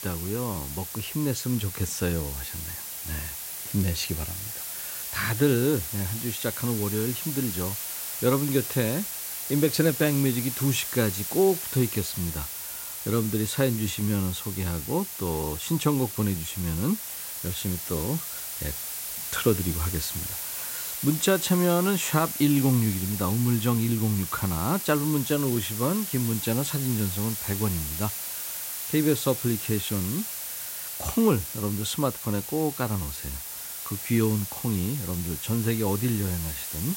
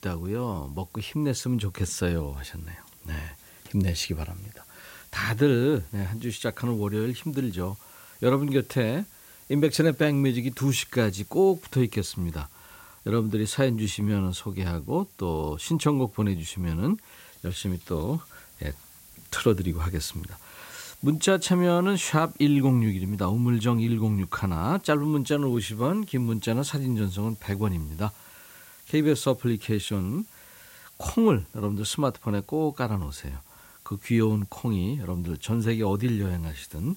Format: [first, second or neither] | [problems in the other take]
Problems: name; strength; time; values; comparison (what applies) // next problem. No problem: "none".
second | hiss; loud; throughout; 4 dB below the speech; faint in the second